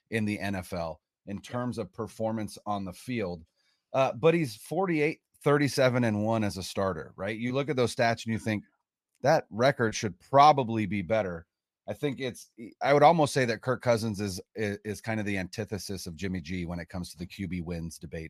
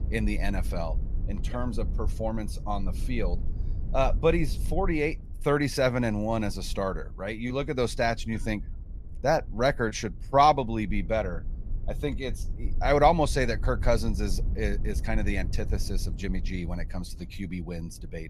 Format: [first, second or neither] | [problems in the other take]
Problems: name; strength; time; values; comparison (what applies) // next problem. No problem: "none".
first | low rumble; faint; throughout; 25 dB below the speech